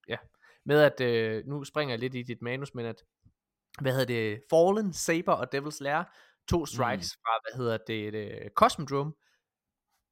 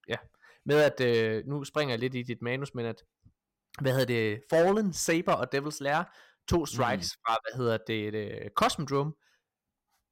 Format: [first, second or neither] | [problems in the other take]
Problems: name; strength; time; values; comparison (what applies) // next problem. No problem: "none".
first | distortion; slight; 3% of the sound clipped